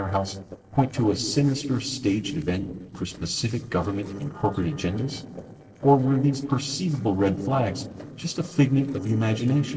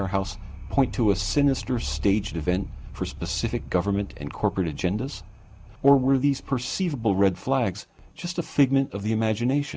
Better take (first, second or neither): second